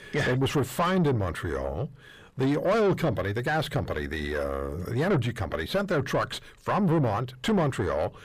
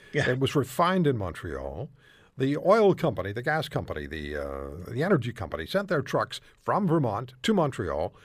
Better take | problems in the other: second | distortion; heavy; 7 dB below the speech

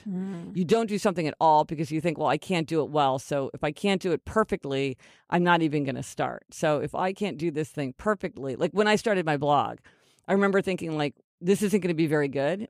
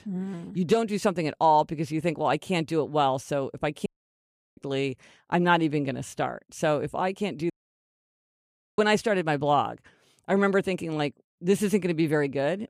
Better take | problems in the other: first | audio cutting out; at 4 s for 0.5 s and at 7.5 s for 1.5 s

